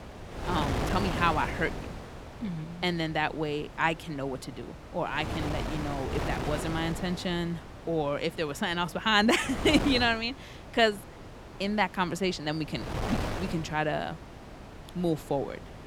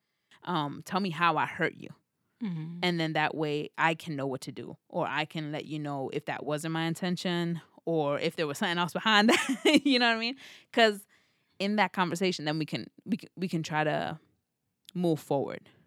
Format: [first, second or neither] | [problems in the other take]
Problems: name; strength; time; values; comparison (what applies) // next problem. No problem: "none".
second | wind noise on the microphone; occasional gusts; 10 dB below the speech